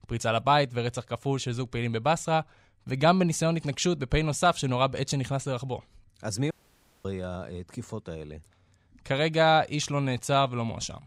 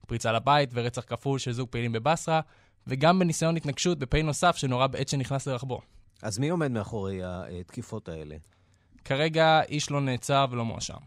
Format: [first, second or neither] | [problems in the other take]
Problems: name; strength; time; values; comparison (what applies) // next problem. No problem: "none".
second | audio cutting out; at 6.5 s for 0.5 s